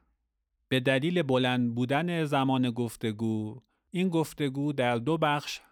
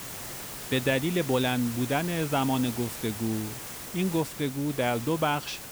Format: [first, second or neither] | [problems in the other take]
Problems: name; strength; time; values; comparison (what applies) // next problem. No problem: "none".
first | hiss; loud; throughout; 9 dB below the speech